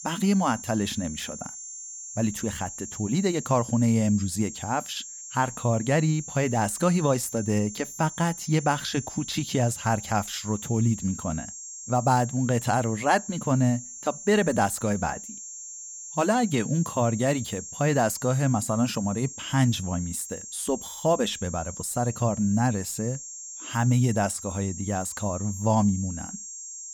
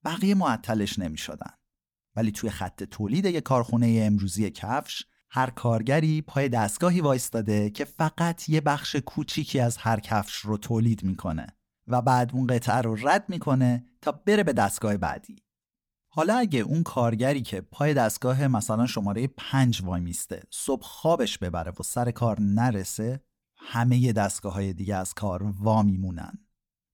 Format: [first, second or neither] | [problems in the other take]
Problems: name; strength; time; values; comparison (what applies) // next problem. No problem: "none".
second | high-pitched whine; noticeable; throughout; 7.5 kHz, 10 dB below the speech